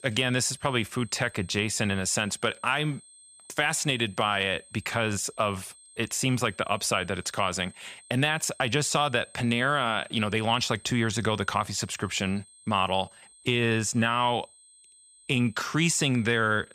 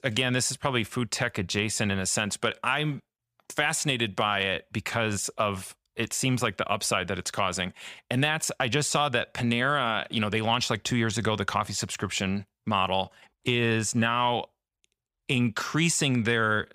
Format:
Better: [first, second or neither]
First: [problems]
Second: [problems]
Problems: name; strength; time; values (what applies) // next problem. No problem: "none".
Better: second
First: high-pitched whine; faint; throughout; 8.5 kHz, 25 dB below the speech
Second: none